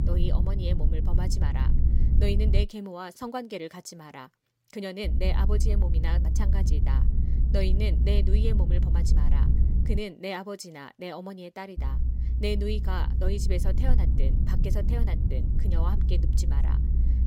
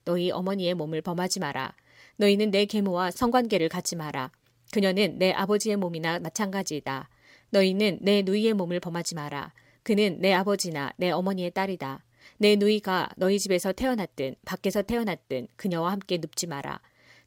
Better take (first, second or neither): second